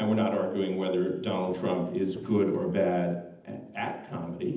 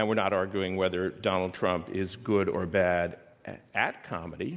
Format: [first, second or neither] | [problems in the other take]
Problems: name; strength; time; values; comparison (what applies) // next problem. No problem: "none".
second | background sound (Walk, footsteps); 18 dB below the speech // room echo; dies away in 0.8 s